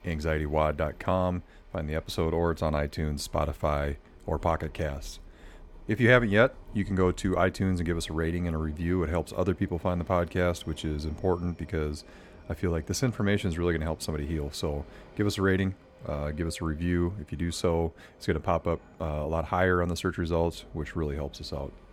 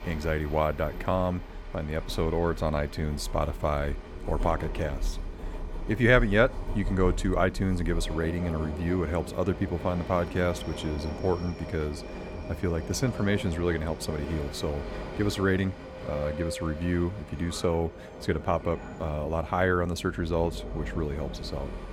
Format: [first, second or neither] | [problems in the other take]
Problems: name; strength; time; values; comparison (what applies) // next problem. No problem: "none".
first | train or aircraft noise; loud; throughout; 10 dB below the speech; faint in the first